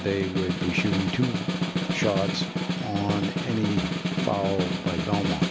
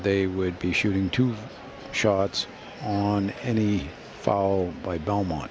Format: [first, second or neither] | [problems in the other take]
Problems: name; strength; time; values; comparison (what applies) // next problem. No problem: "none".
second | background sound (Snare drum); 1 dB above the speech